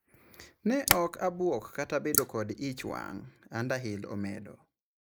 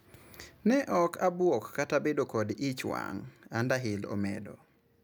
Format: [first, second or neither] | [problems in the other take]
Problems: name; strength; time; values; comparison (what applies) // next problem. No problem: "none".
second | noise reduction (neural mask model Resemble Enhance denoiser)